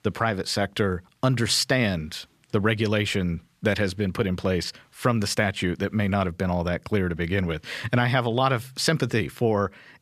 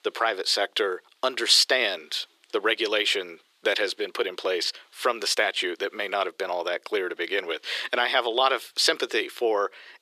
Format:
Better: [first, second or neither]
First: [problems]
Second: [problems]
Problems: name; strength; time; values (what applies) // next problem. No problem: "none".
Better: first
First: none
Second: thin; very; fading below 350 Hz